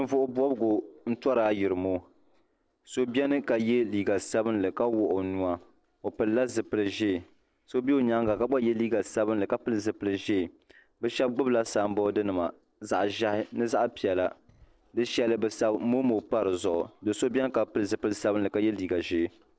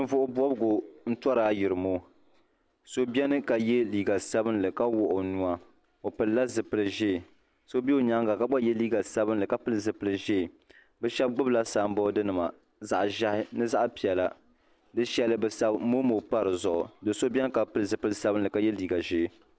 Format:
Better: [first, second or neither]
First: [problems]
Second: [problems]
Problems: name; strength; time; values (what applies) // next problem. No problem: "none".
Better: second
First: noise reduction (neural separator model SepFormer DNS4)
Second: none